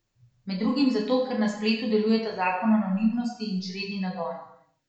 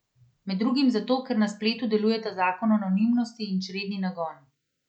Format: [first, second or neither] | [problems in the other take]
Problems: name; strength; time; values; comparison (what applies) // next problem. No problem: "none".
second | room echo; dies away in 0.8 s